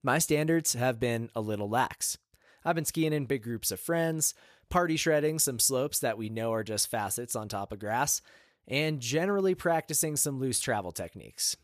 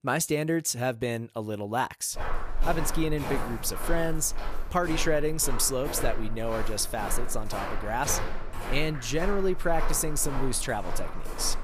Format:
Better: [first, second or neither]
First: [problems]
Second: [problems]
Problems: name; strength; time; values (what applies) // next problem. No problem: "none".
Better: first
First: none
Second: footsteps; noticeable; from 2 s on; peak 4 dB below the speech